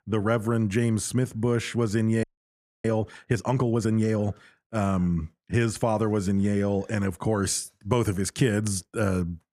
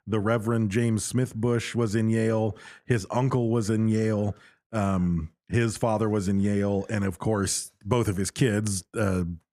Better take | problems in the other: second | audio freezing; at 2 s for 0.5 s

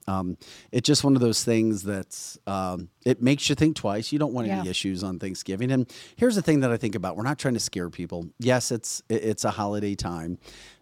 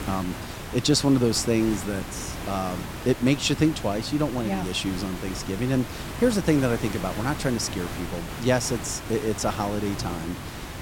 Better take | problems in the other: first | hiss; loud; throughout; 9 dB below the speech

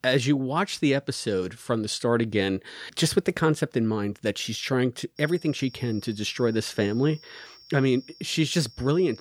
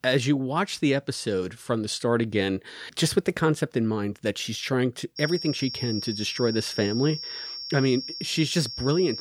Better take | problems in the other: first | high-pitched whine; loud; from 5 s on; 5.5 kHz, 7 dB below the speech; faint in the first

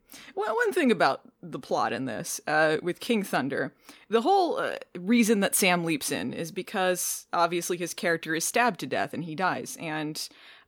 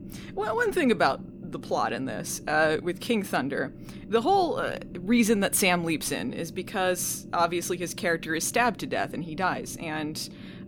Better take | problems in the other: first | low rumble; faint; throughout; 20 dB below the speech

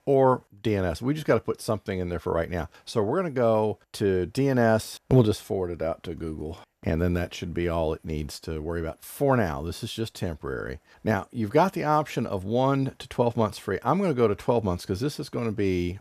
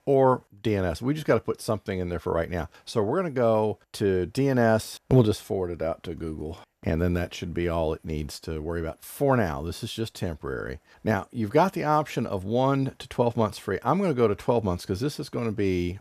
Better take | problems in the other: neither | none

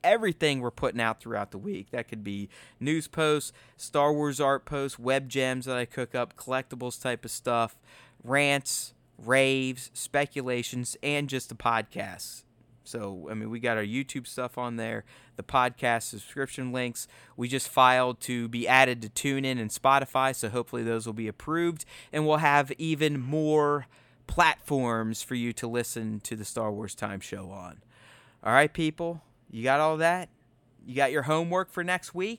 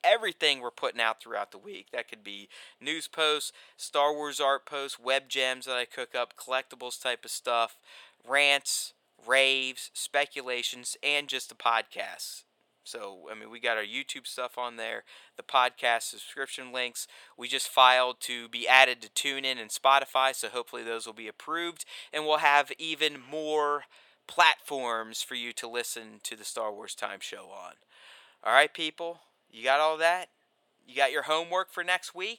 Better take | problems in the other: first | thin; very; fading below 600 Hz

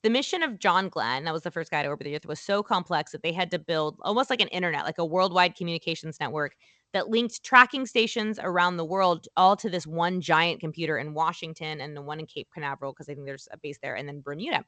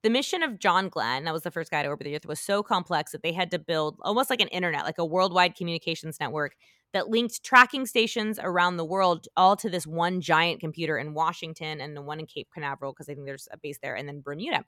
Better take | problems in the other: second | garbled, watery; slightly; nothing above 8 kHz

